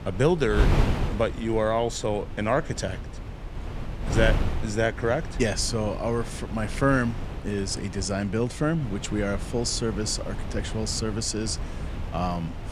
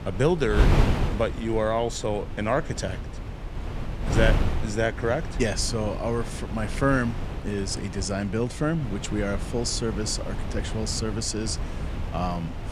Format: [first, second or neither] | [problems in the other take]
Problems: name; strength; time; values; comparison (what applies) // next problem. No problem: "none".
first | wind noise on the microphone; heavy; 8 dB below the speech; occasional gusts in the first